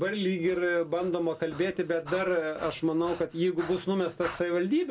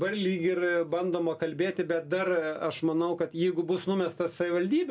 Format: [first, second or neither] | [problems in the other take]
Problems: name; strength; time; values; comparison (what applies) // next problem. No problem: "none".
second | background sound (Breathing); 18 dB below the speech